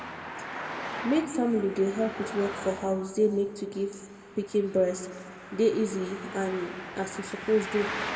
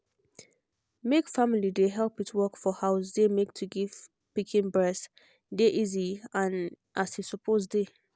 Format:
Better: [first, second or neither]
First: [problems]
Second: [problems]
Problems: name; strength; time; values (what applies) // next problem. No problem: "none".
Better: second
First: background sound (Traffic noise, roadway noise); 10 dB below the speech // room echo; dies away in 1.5 s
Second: none